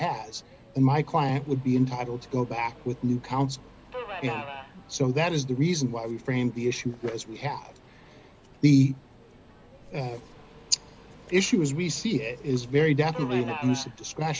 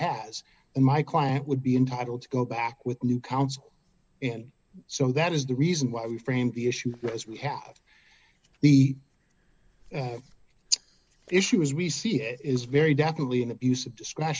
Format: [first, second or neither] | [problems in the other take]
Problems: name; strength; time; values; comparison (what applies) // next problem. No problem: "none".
second | background sound (Subway, metro, underground); 17 dB below the speech